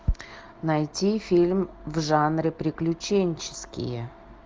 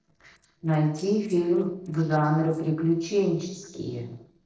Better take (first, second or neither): first